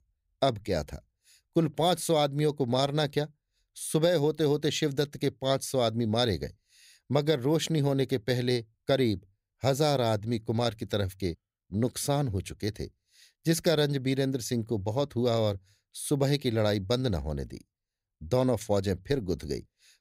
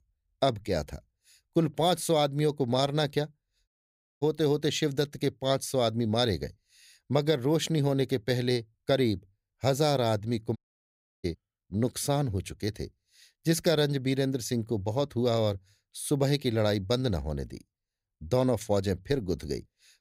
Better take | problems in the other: first | audio cutting out; at 3.5 s for 0.5 s and at 11 s for 0.5 s

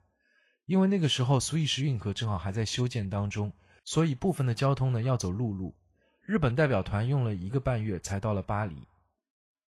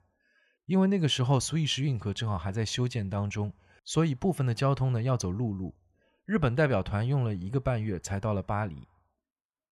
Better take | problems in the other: second | garbled, watery; slightly; nothing above 11 kHz

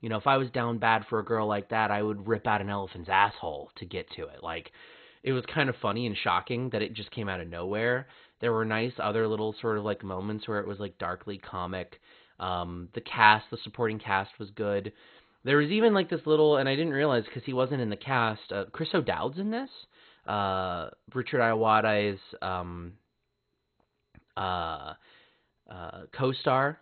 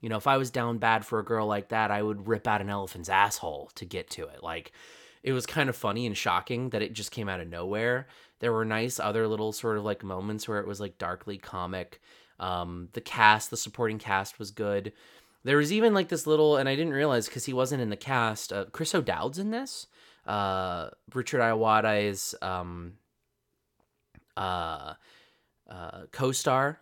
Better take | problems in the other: second | garbled, watery; badly; nothing above 4 kHz

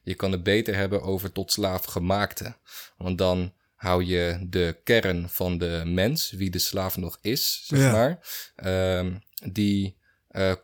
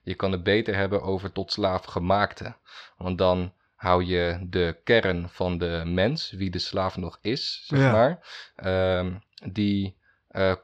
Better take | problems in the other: first | muffled; very slightly; fading above 4 kHz

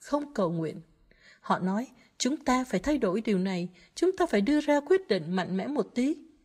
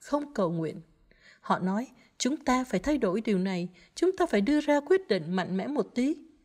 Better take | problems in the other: second | garbled, watery; slightly; nothing above 15.5 kHz

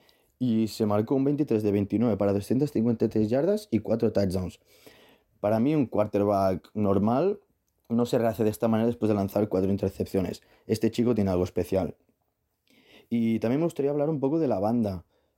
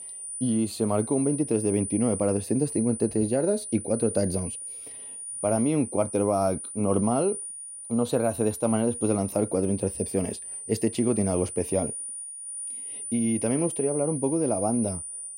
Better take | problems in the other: first | high-pitched whine; loud; throughout; 9.5 kHz, 7 dB below the speech

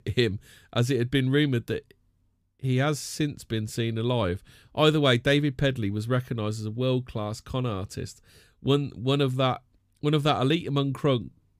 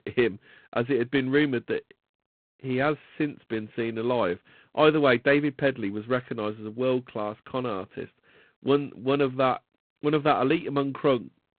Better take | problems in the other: first | phone-call audio; poor line; nothing above 4 kHz

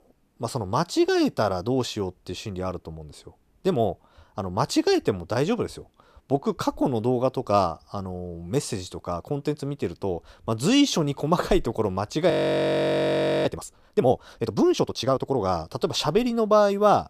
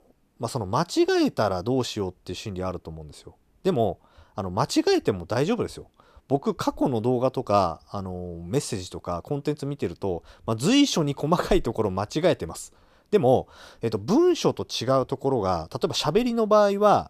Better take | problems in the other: second | audio freezing; at 12 s for 1 s

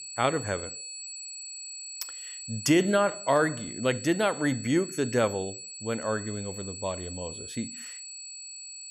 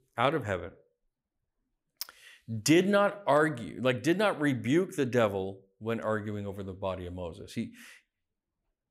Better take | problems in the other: second | high-pitched whine; loud; throughout; 8 kHz, 10 dB below the speech

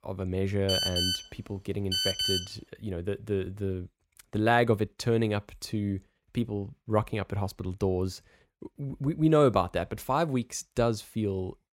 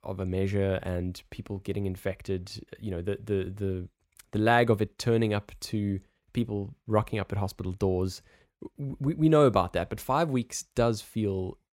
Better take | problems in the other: second | phone ringing; loud; from 0.5 to 2.5 s; peak 4 dB above the speech

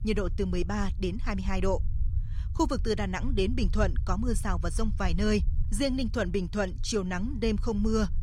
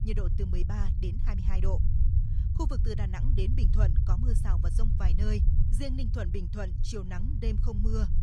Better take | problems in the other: first | low rumble; loud; throughout; 4 dB below the speech; faint in the first

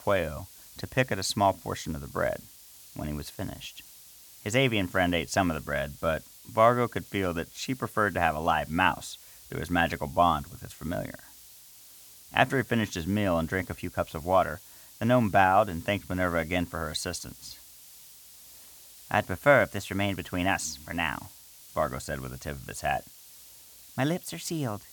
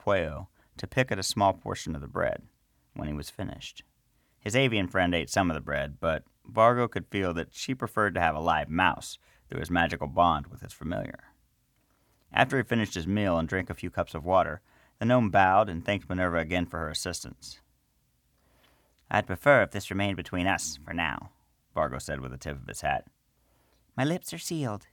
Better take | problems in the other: second | hiss; noticeable; throughout; 20 dB below the speech

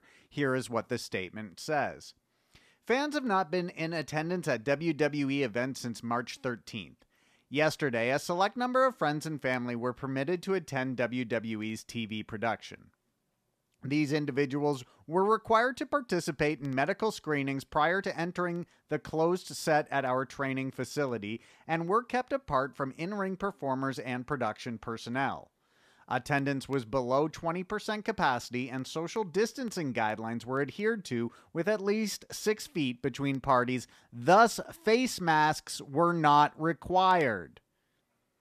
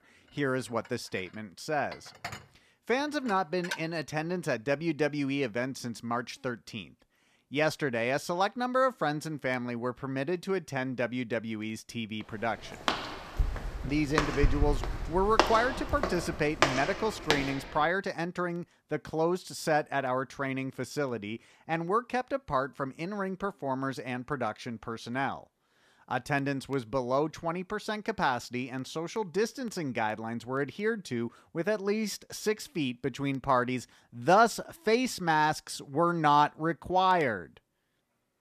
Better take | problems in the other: first | clattering dishes; noticeable; from 0.5 to 4 s; peak 7 dB below the speech // footsteps; loud; from 13 to 17 s; peak 3 dB above the speech

